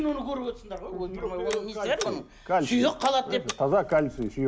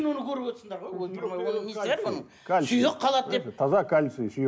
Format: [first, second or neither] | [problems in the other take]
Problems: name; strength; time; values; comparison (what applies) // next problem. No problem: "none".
second | background sound (Telephone); 16 dB below the speech